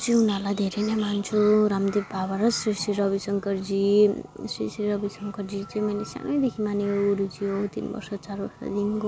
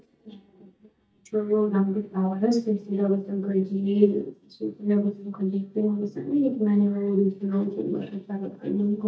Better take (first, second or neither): first